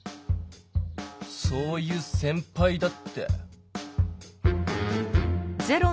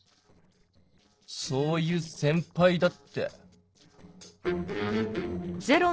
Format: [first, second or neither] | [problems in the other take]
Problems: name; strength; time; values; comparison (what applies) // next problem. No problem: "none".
first | noise reduction (neural separator model SepFormer DNS4)